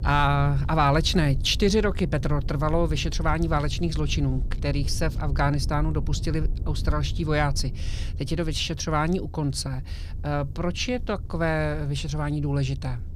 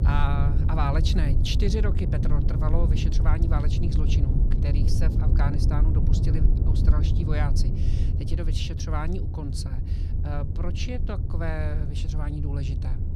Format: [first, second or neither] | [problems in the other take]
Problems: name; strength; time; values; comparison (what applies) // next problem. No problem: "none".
first | low rumble; loud; throughout; 4 dB below the speech; faint in the first